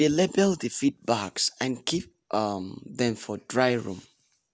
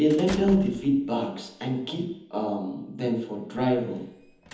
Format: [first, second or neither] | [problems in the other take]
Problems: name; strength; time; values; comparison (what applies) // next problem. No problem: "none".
first | background sound (Squeak / Slam / Human group actions); 17 dB below the speech // room echo; dies away in 1 s